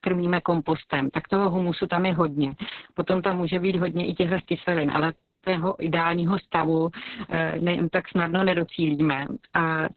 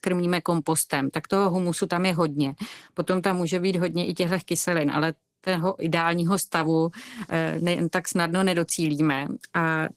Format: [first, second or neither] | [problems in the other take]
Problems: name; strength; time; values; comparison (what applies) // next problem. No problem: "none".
second | garbled, watery; badly; nothing above 4 kHz; slightly in the second